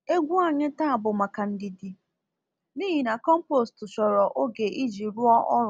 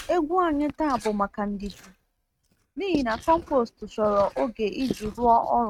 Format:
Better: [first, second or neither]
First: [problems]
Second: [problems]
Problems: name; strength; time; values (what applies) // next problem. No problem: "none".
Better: first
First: none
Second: noise reduction (neural mask model RNNoise)